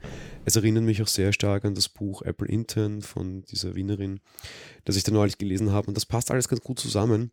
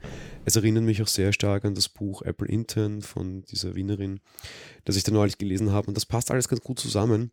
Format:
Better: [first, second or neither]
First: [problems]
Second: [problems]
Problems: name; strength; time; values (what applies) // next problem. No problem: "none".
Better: neither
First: footsteps; faint; at the start; peak 15 dB below the speech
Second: footsteps; faint; at the start; peak 15 dB below the speech